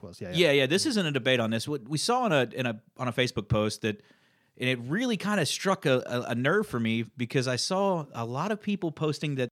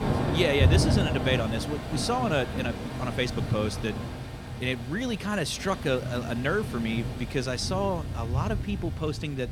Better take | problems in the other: first | rain or running water; loud; throughout; 2 dB below the speech

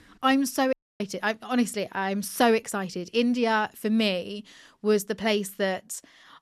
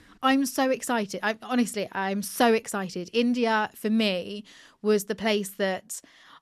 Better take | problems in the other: second | audio cutting out; at 0.5 s

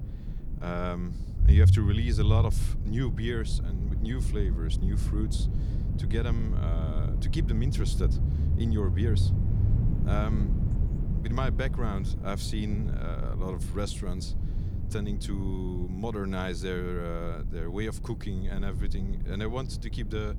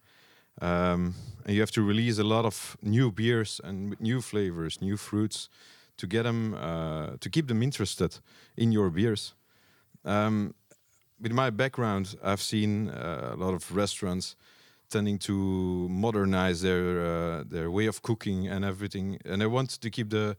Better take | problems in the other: second | low rumble; loud; throughout; 6 dB below the speech

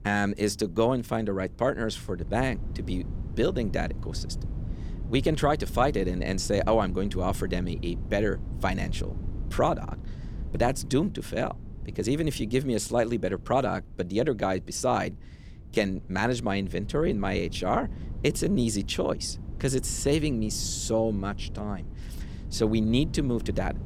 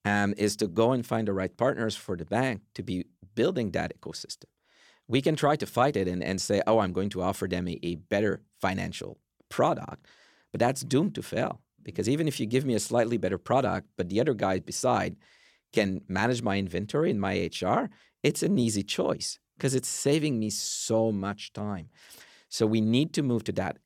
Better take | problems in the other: second | wind noise on the microphone; occasional gusts; 20 dB below the speech

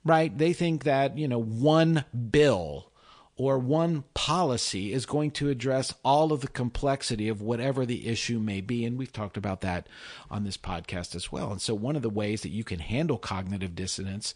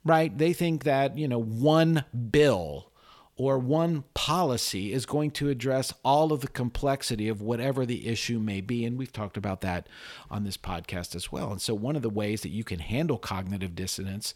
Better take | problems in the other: second | garbled, watery; slightly

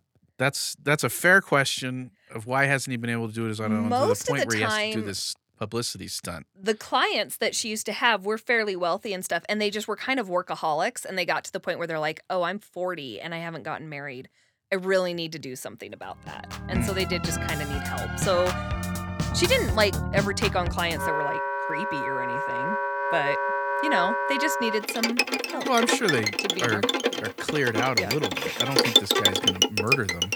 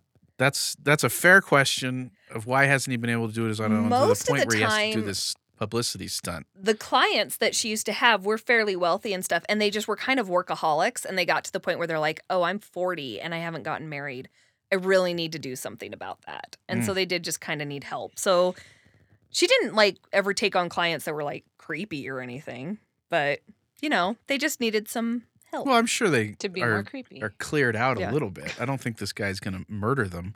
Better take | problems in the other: second | background music; very loud; from 17 s on; 1 dB above the speech

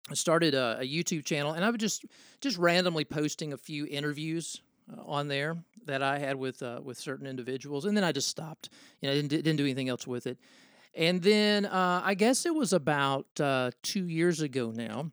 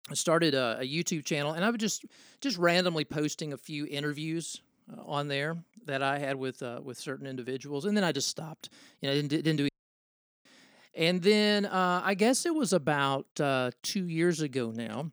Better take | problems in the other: first | audio cutting out; at 9.5 s for 1 s

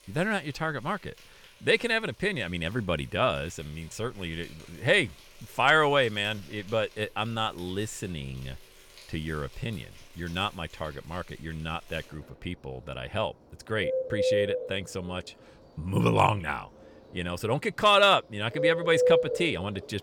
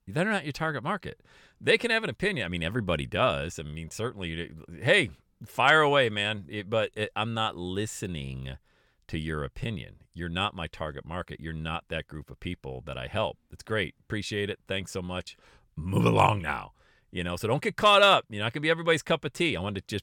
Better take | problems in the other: second | animal sounds; loud; throughout; 1 dB below the speech

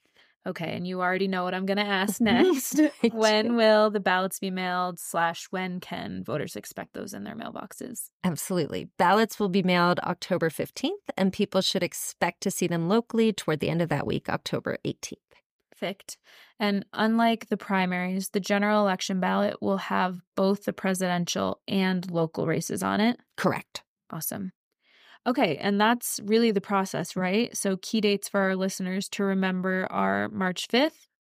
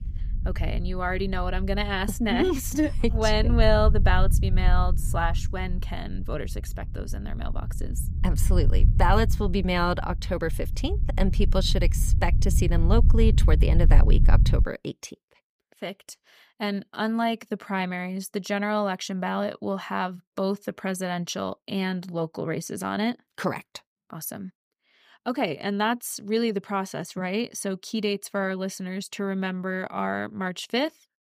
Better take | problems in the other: first | low rumble; noticeable; until 15 s; 15 dB below the speech

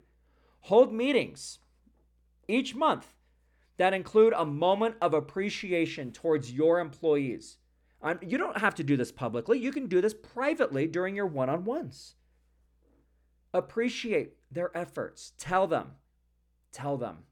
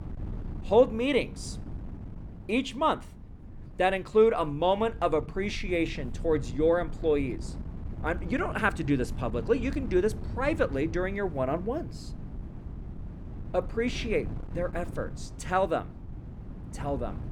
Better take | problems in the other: first | wind noise on the microphone; occasional gusts; 20 dB below the speech

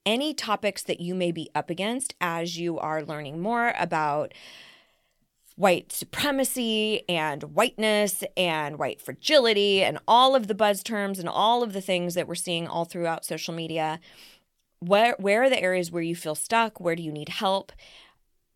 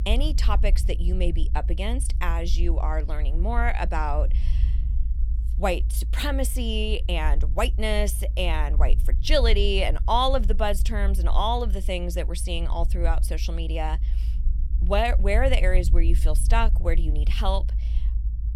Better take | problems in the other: first | low rumble; noticeable; throughout; 20 dB below the speech

